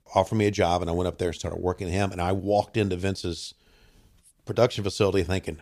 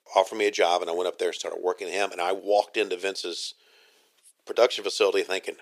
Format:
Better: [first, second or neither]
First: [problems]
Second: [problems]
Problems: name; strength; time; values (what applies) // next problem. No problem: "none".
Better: first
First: none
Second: thin; very; fading below 400 Hz